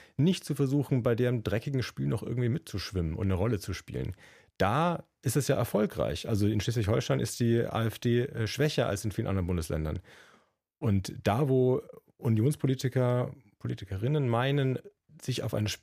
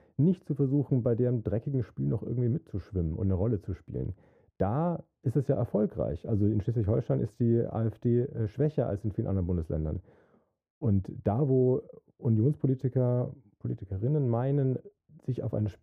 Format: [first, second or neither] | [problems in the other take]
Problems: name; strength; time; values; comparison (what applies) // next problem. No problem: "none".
first | muffled; very; fading above 1.5 kHz